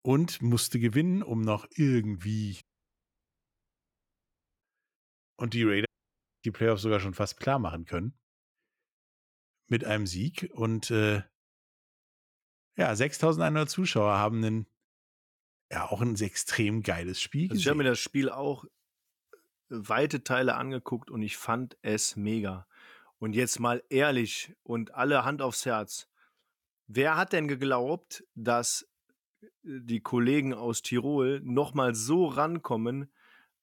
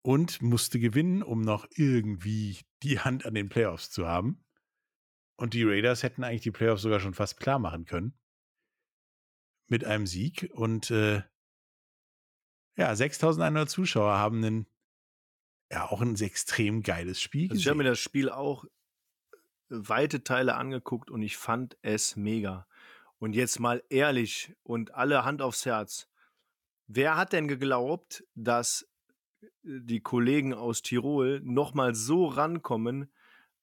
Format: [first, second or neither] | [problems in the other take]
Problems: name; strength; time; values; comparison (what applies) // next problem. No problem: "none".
second | audio cutting out; at 2.5 s for 2 s and at 6 s for 0.5 s